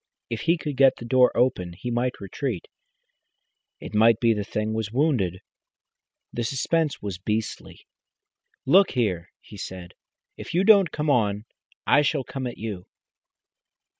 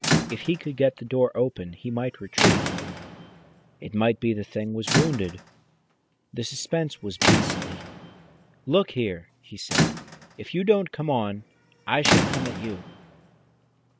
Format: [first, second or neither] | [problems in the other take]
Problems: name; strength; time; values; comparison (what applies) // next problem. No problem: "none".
first | background sound (Squeak / Rattle / Slam); as loud as the speech